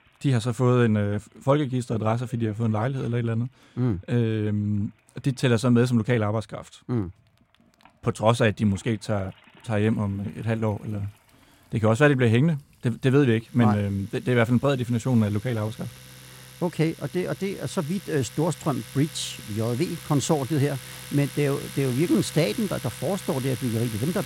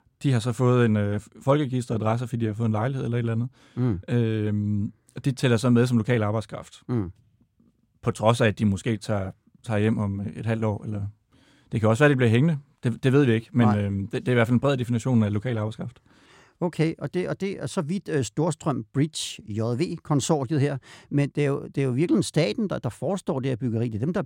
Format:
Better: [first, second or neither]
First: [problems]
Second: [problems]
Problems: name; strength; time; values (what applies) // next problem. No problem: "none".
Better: second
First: household noises; noticeable; throughout; 15 dB below the speech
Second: none